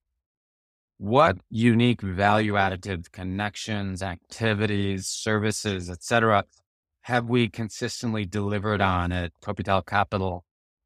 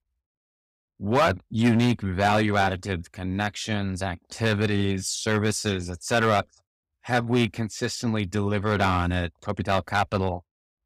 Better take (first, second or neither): first